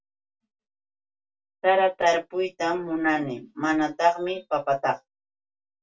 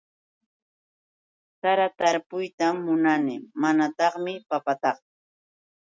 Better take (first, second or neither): second